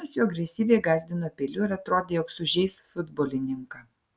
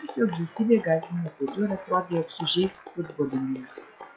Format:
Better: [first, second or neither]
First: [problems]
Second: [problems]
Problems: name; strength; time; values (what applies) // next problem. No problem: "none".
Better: first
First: none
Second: noise reduction (classical method log-MMSE)